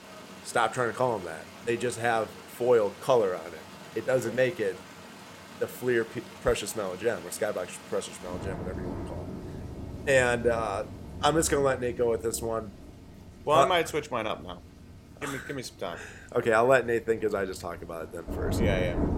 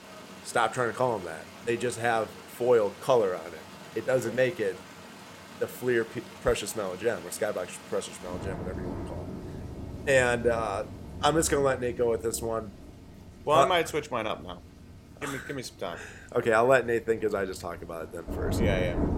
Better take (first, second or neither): neither